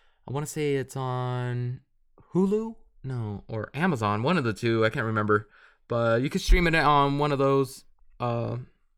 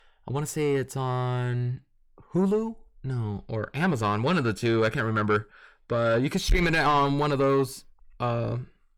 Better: first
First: none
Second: distortion; slight; 10 dB below the speech

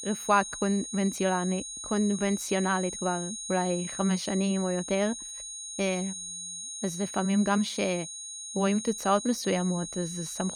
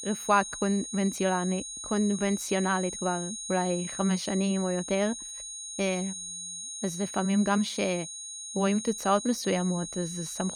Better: neither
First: high-pitched whine; loud; throughout; 6.5 kHz, 7 dB below the speech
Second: high-pitched whine; loud; throughout; 6.5 kHz, 7 dB below the speech

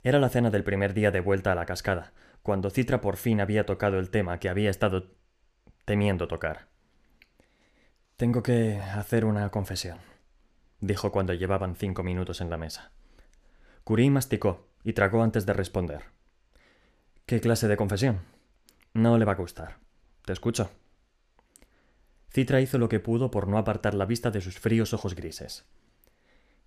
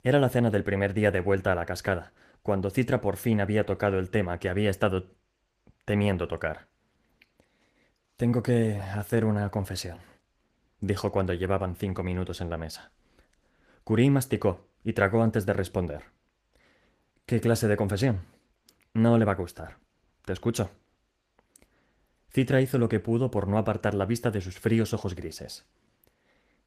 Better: first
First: none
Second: garbled, watery; slightly; nothing above 14.5 kHz

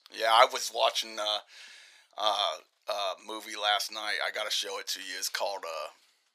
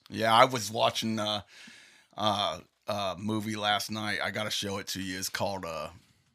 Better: second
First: thin; very; fading below 450 Hz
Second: none

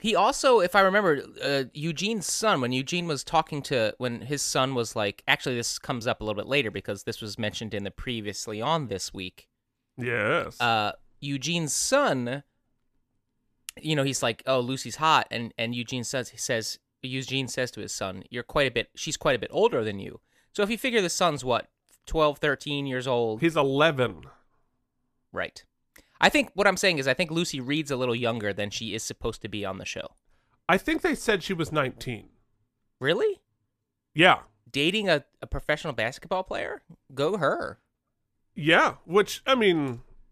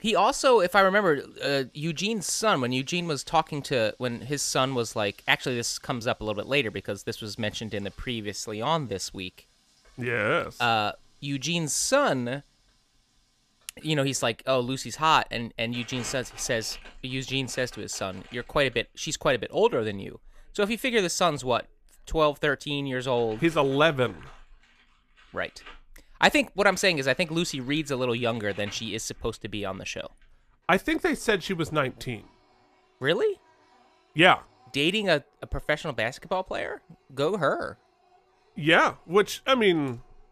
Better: first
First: none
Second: household noises; faint; throughout; 25 dB below the speech

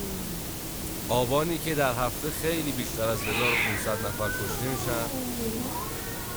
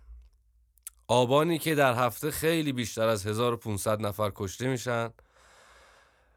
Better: second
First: hiss; loud; throughout; as loud as the speech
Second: none

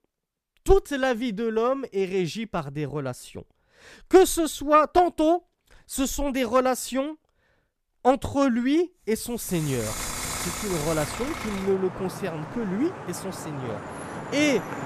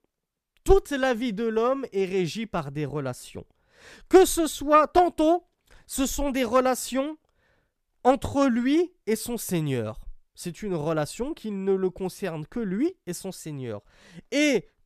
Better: second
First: traffic noise; loud; from 9.5 s on; 9 dB below the speech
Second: none

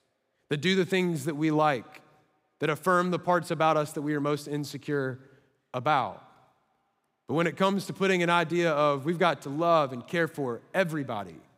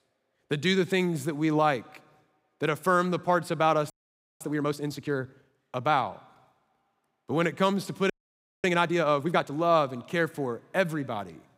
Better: first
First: none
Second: audio freezing; at 4 s for 0.5 s and at 8 s for 0.5 s

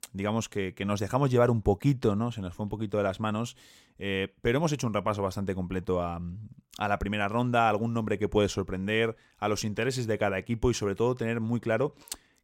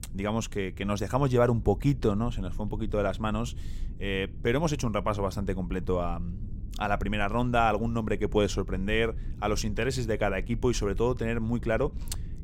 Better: first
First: none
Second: low rumble; faint; throughout; 25 dB below the speech

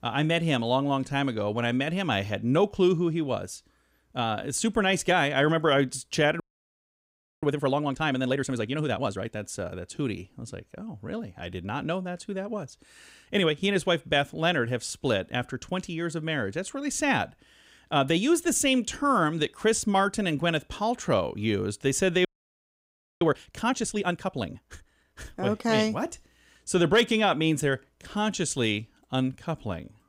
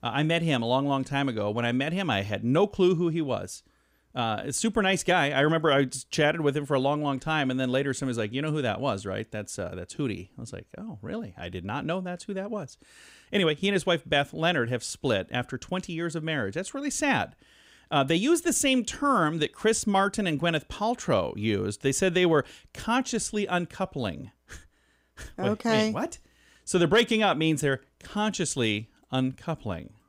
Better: second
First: audio freezing; at 6.5 s for 1 s and at 22 s for 1 s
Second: none

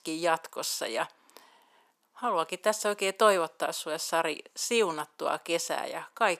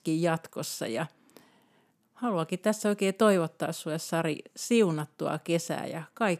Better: second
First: thin; very; fading below 500 Hz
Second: none

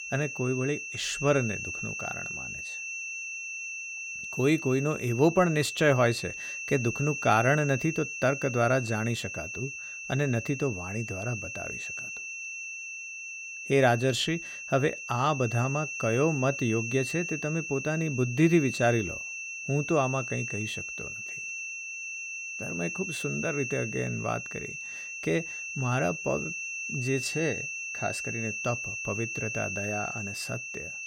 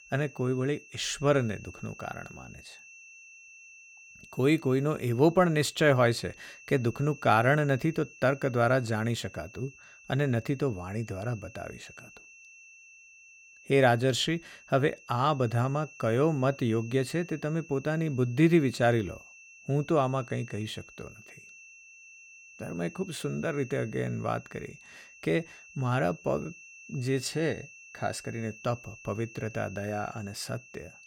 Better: second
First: high-pitched whine; loud; throughout; 2.5 kHz, 6 dB below the speech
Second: high-pitched whine; faint; throughout; 2.5 kHz, 20 dB below the speech

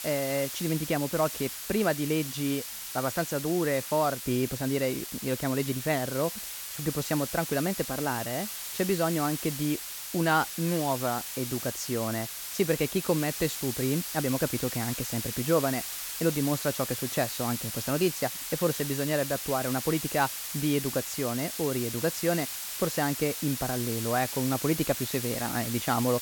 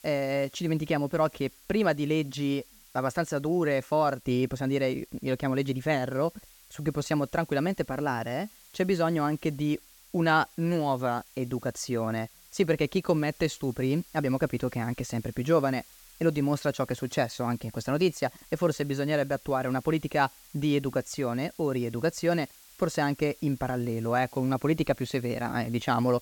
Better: second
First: hiss; loud; throughout; 4 dB below the speech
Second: hiss; faint; throughout; 25 dB below the speech

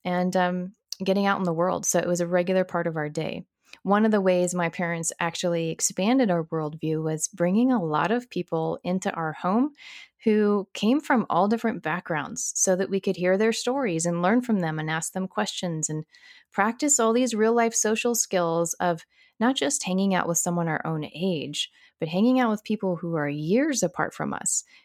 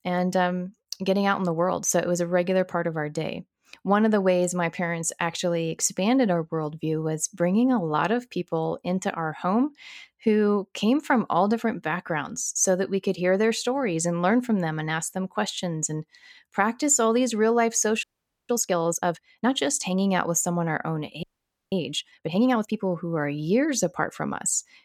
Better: first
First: none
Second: audio freezing; at 18 s and at 21 s

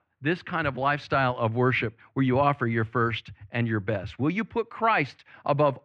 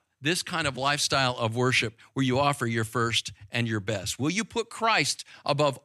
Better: second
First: muffled; very; fading above 2 kHz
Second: none

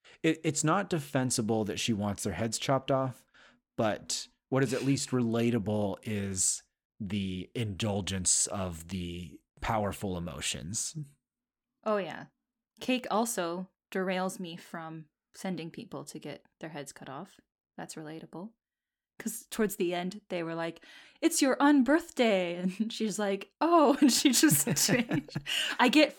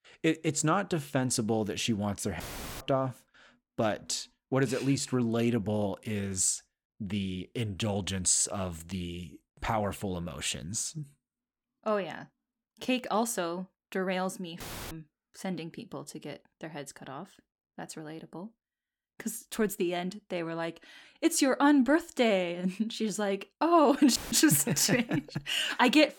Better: first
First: none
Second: audio cutting out; filled with static; at 2.5 s, at 15 s and at 24 s

